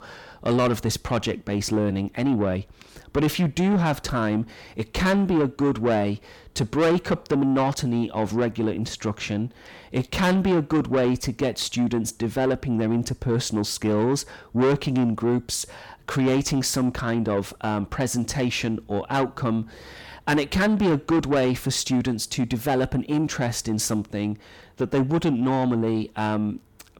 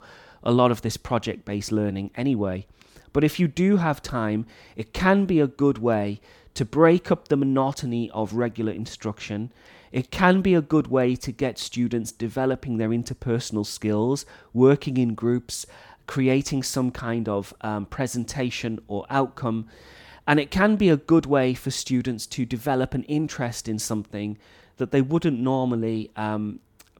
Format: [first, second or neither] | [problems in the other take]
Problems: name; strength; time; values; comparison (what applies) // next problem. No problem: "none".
second | distortion; heavy; 8 dB below the speech